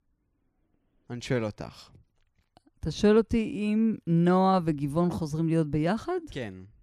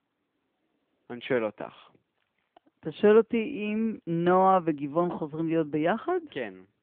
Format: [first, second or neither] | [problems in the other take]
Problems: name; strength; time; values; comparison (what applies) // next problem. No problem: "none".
first | phone-call audio